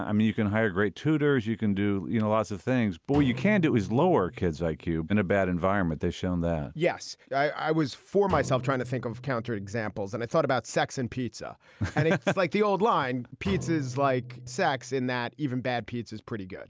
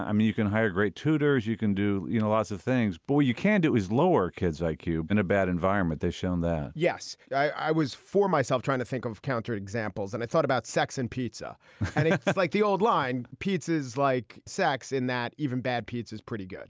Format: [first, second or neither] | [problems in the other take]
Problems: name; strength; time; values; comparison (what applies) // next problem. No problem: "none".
second | background sound (Drum); 17 dB below the speech